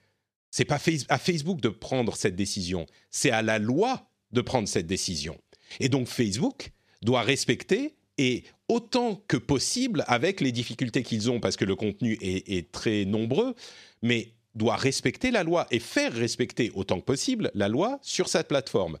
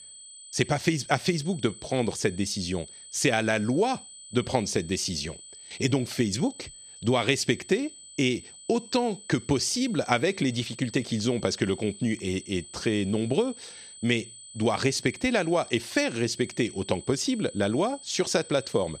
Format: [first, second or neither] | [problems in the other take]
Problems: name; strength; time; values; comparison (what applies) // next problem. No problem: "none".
first | high-pitched whine; noticeable; throughout; 8 kHz, 15 dB below the speech